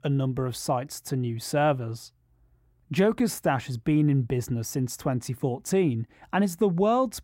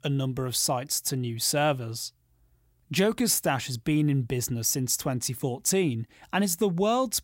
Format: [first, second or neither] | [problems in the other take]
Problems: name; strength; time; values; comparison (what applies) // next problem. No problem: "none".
second | muffled; slightly; fading above 2.5 kHz